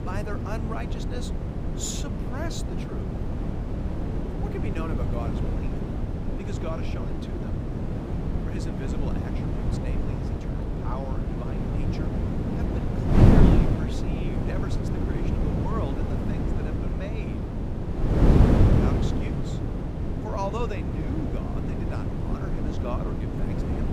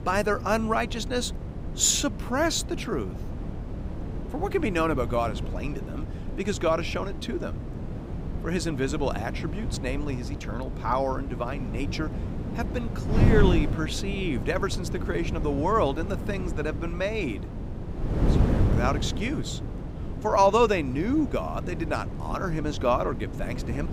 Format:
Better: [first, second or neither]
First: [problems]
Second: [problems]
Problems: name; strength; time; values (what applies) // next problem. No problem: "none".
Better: second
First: wind noise on the microphone; heavy; 4 dB above the speech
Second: wind noise on the microphone; occasional gusts; 10 dB below the speech